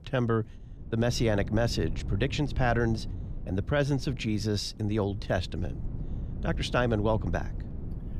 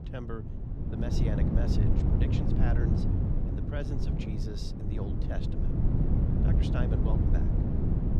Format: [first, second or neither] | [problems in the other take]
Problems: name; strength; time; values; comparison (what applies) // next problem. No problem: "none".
first | wind noise on the microphone; heavy; 3 dB above the speech; occasional gusts in the first